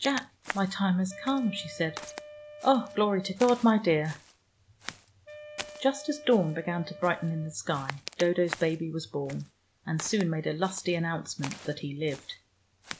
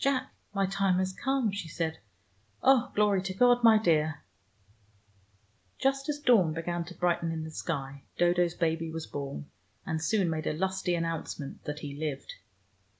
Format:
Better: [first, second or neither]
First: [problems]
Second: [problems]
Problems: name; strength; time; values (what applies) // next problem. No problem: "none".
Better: second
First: background sound (Walk, footsteps + Wind instrument, woodwind instrument); 15 dB below the speech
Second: none